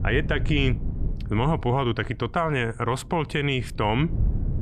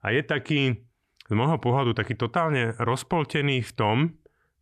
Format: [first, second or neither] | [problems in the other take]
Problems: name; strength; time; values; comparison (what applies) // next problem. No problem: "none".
second | wind noise on the microphone; occasional gusts; 20 dB below the speech